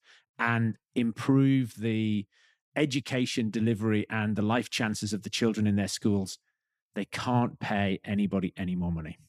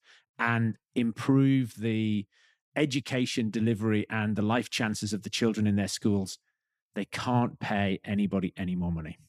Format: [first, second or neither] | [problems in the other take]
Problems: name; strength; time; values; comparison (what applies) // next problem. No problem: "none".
neither | none